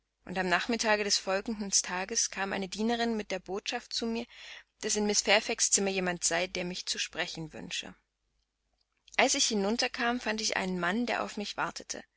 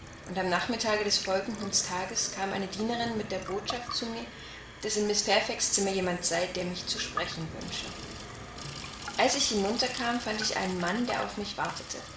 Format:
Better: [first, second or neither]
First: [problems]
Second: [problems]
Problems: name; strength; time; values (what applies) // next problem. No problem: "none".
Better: first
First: none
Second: background sound (Sink (filling or washing) / Water tap, faucet); 11 dB below the speech // room echo; dies away in 0.9 s